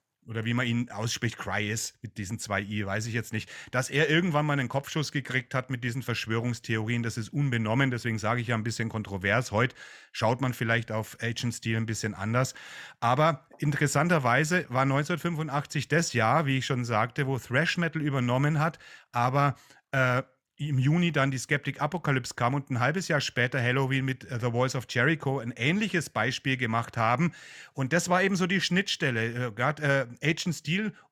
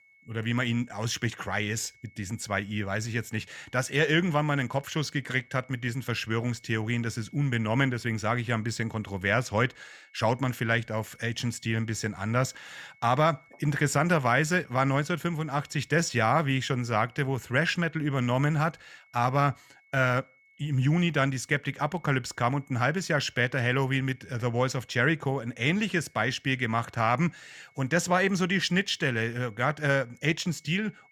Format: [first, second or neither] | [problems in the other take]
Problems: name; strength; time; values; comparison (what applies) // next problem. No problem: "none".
first | high-pitched whine; faint; throughout; 2 kHz, 30 dB below the speech